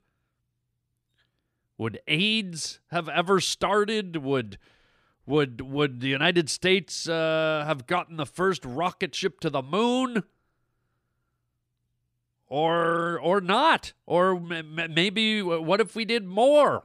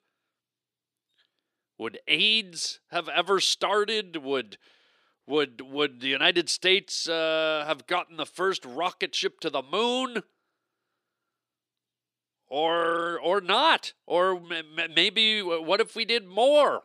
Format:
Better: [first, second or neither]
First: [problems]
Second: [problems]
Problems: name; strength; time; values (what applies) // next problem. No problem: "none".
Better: first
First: none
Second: thin; very slightly; fading below 350 Hz